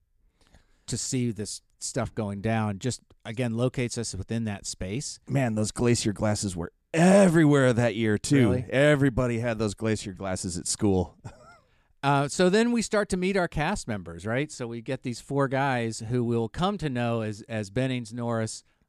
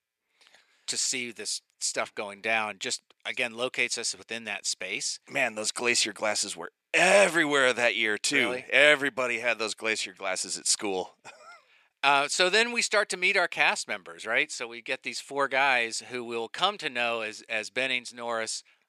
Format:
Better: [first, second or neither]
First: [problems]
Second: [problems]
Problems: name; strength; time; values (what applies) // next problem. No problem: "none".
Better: first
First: none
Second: thin; very; fading below 550 Hz